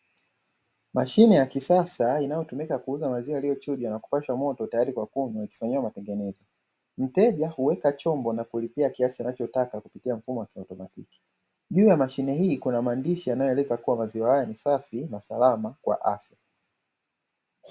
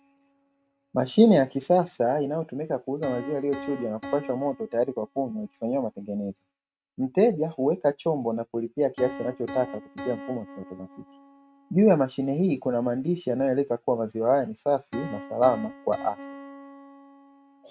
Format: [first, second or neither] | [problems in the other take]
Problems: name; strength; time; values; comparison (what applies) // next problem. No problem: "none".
first | noise reduction (neural mask model RNNoise)